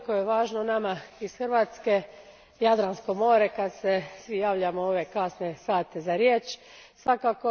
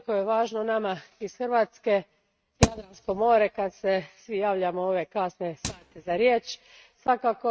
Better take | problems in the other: first | noise reduction (neural mask model RNNoise)

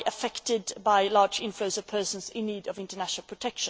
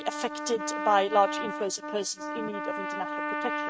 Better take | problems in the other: first | noise reduction (neural mask model RNNoise)

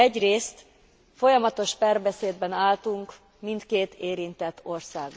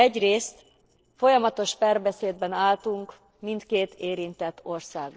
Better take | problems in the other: first | noise reduction (neural separator model SepFormer DNS4)

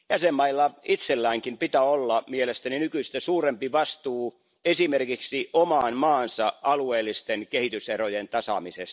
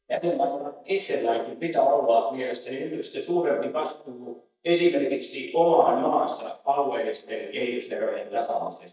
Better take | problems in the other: first | noise reduction (neural mask model DeepFilterNet 3)

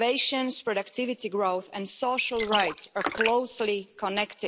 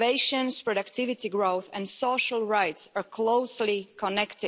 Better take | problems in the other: second | noise reduction (neural mask model Resemble Enhance denoiser)

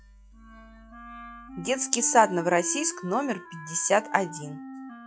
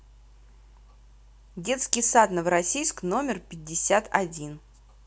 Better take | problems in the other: second | noise reduction (classical method log-MMSE)

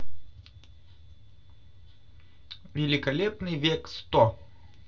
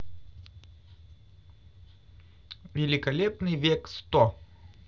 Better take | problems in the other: second | room echo; dies away in 0.2 s

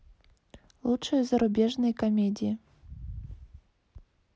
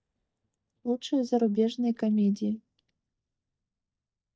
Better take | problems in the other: first | noise reduction (neural mask model DeepFilterNet 3)

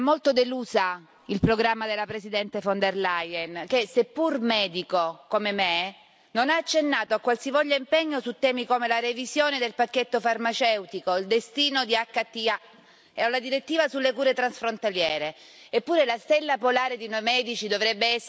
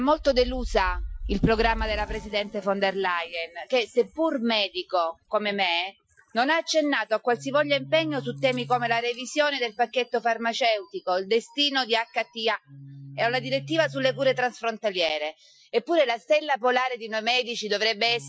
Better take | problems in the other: first | noise reduction (classical method Wiener filter)

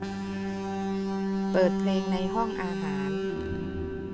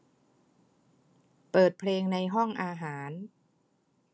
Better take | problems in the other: second | background sound (Alarm); 3 dB above the speech

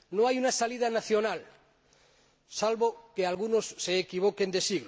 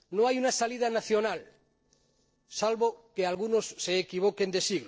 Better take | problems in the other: first | noise reduction (neural separator model SepFormer DNS4)

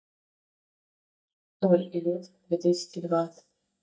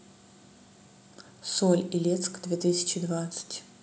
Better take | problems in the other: second | noise reduction (neural mask model DeepFilterNet 3)

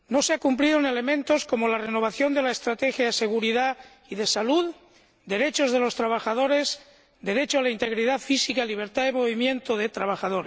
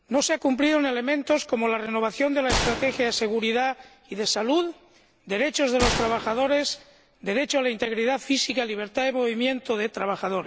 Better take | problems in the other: first | background sound (Gunshot, gunfire); 9 dB below the speech

